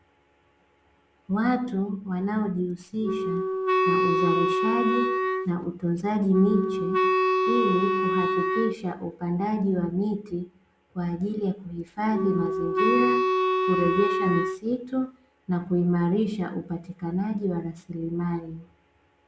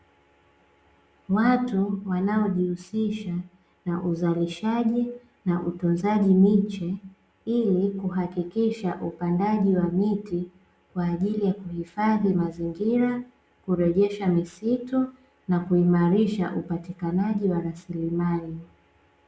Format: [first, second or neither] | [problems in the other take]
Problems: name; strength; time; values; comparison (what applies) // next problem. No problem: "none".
second | background sound (Wind instrument, woodwind instrument); 3 dB above the speech